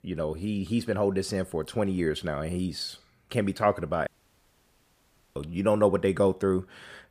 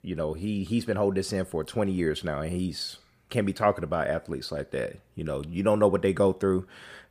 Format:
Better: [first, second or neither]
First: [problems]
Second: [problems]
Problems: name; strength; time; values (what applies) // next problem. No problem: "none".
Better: second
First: audio cutting out; at 4 s for 1.5 s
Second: none